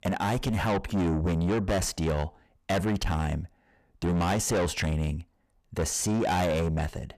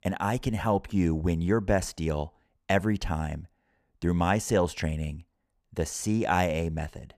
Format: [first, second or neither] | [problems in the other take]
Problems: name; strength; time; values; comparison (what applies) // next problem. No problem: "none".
second | distortion; heavy; 6 dB below the speech